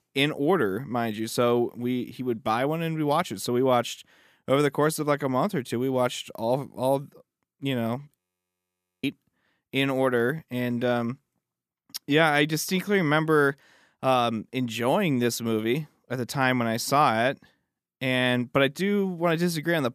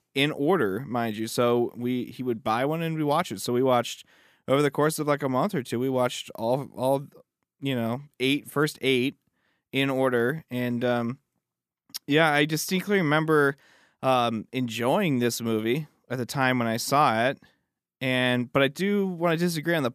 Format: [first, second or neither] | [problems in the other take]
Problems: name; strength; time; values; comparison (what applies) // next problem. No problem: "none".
second | audio freezing; at 8 s for 1 s